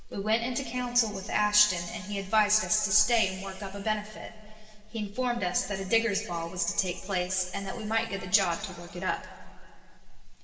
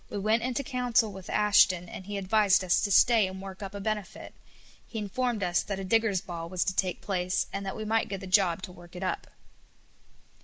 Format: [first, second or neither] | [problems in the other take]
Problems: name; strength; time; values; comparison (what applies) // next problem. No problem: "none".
second | room echo; dies away in 2.3 s